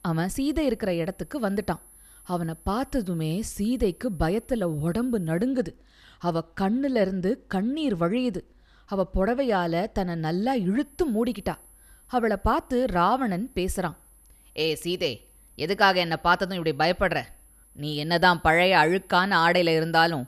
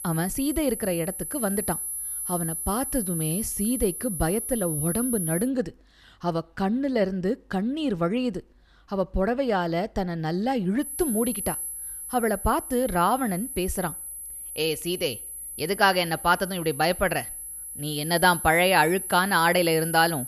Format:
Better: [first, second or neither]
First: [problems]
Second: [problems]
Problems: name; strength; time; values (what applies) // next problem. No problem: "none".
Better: first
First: high-pitched whine; faint; until 5.5 s and from 11 s on; 11 kHz, 25 dB below the speech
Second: high-pitched whine; loud; until 5.5 s and from 11 s on; 11 kHz, 6 dB below the speech